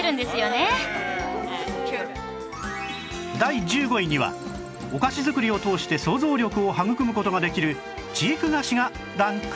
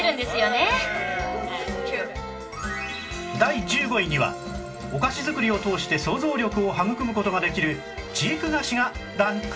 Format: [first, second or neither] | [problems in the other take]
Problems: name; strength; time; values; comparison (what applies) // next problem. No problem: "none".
first | room echo; dies away in 0.2 s